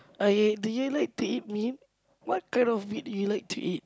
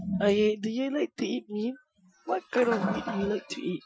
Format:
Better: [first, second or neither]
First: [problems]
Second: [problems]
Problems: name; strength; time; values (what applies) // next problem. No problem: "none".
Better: first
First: none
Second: noise reduction (classical method Wiener filter)